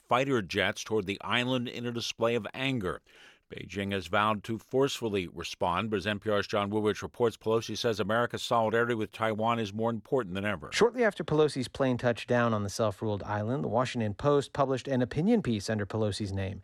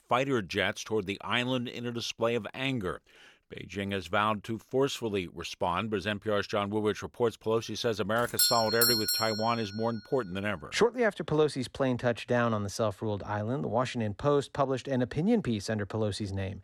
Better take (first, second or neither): first